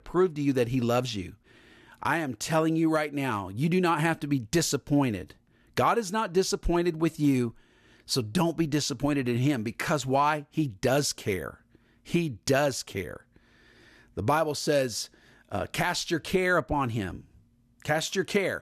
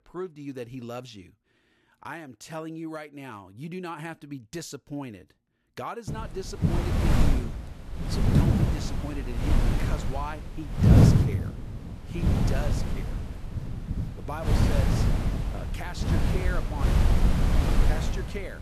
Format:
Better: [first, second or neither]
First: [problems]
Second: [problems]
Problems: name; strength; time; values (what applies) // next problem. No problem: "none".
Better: first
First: none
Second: wind noise on the microphone; heavy; from 6 s on; 5 dB above the speech